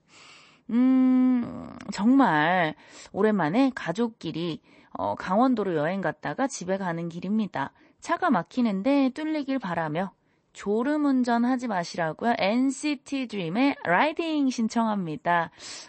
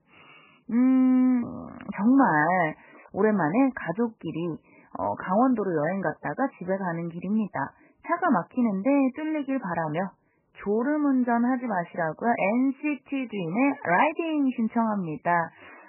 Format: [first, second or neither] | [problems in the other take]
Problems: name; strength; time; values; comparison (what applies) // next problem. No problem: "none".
first | garbled, watery; badly; nothing above 2.5 kHz; slightly in the first